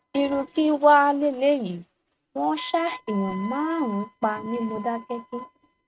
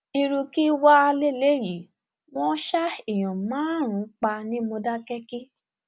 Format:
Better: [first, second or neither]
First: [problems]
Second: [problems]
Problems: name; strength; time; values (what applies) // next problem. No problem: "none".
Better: second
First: noise reduction (neural mask model RNNoise)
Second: none